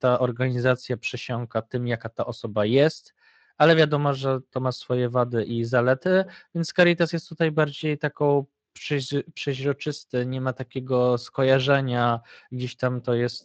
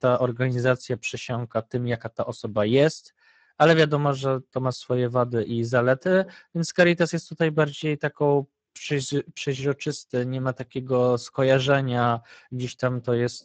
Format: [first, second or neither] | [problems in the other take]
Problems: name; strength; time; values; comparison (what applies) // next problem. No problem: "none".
first | garbled, watery; badly; nothing above 8 kHz; slightly in the first